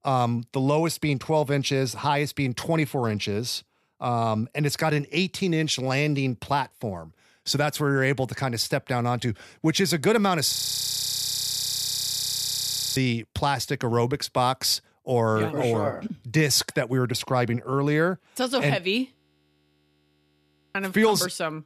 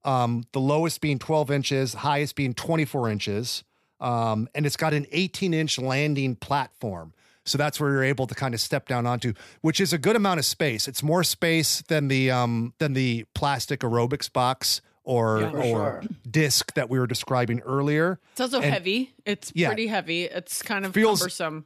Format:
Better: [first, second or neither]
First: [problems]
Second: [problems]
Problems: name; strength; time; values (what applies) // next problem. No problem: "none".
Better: second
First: audio freezing; at 11 s for 2.5 s and at 19 s for 1.5 s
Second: none